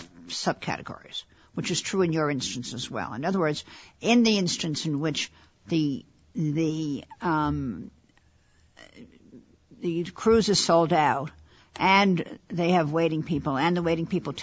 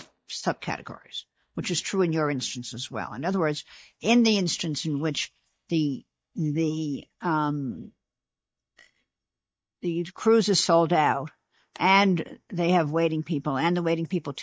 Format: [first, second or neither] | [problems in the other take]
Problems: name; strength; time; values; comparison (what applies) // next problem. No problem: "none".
first | noise reduction (neural mask model DeepFilterNet 3)